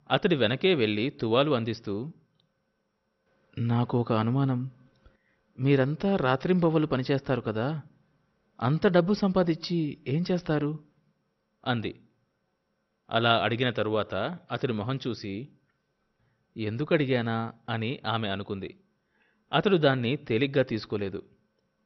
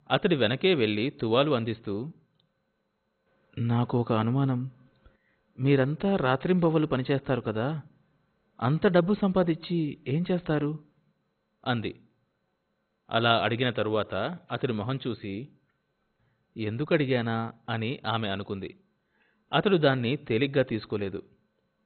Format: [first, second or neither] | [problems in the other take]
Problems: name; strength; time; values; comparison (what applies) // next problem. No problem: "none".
first | garbled, watery; badly; nothing above 4 kHz; slightly in the first